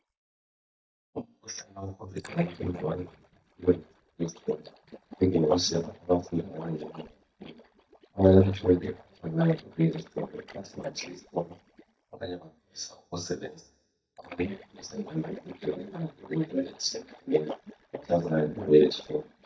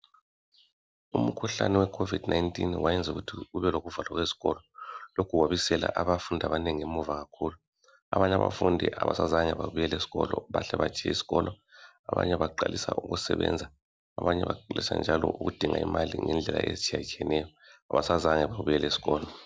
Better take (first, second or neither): second